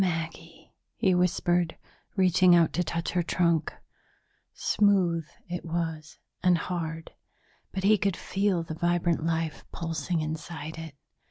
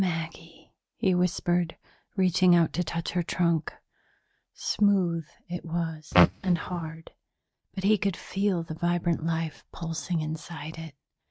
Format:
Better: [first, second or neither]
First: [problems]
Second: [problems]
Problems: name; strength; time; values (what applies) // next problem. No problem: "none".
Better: first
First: none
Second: noise reduction (neural mask model RNNoise)